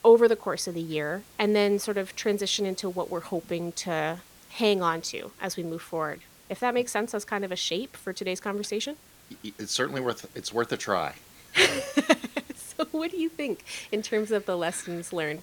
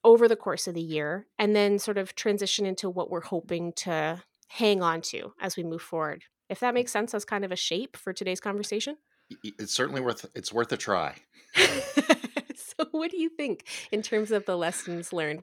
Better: second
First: hiss; faint; throughout; 25 dB below the speech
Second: none

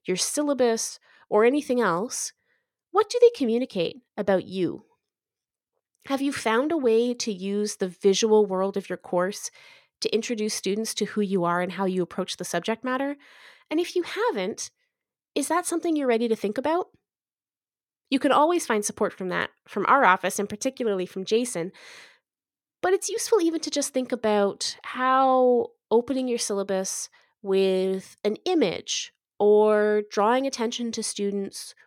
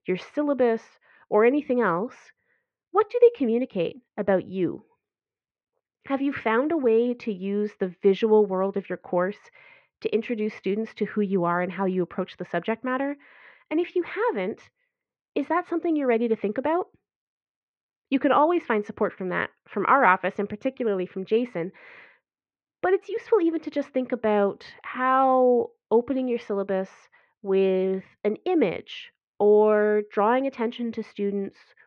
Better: first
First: none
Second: muffled; very; fading above 2.5 kHz

